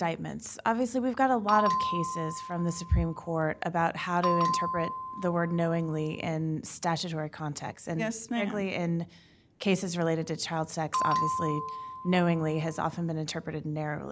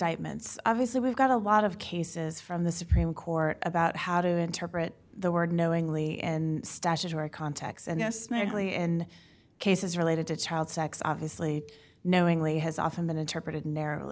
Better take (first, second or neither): second